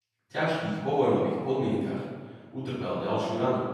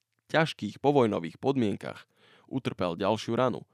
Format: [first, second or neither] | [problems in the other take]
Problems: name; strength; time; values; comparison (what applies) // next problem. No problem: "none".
second | off-mic speech; far // room echo; strong; dies away in 1.5 s